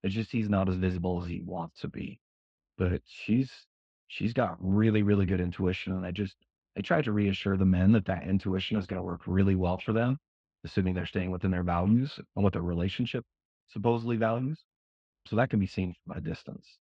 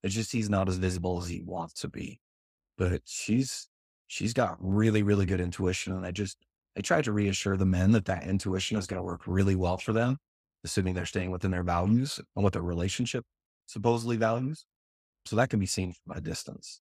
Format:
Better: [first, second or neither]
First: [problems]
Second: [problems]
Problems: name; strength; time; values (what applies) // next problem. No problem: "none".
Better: second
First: muffled; slightly; fading above 3.5 kHz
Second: none